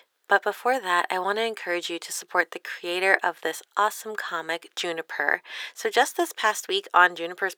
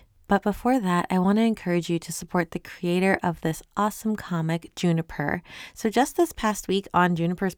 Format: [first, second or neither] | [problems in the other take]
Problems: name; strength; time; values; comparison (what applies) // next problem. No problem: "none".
second | thin; very; fading below 450 Hz